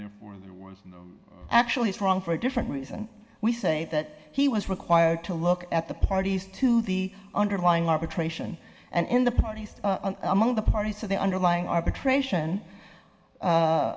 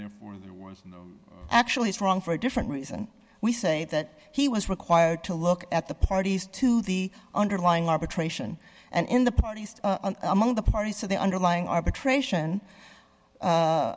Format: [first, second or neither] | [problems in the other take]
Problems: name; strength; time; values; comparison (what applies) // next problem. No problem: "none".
second | room echo; dies away in 1.3 s